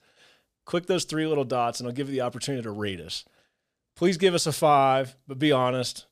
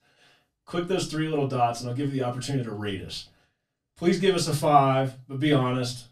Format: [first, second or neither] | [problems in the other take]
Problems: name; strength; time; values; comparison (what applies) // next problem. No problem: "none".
first | off-mic speech; far // room echo; very slight; dies away in 0.3 s